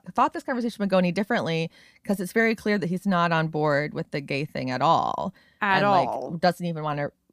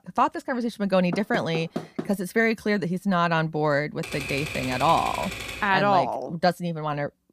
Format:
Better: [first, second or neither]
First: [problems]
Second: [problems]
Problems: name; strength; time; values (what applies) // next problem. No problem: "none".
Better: first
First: none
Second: door banging; noticeable; at 1 s; peak 9 dB below the speech // keyboard typing; noticeable; from 4 to 5.5 s; peak 6 dB below the speech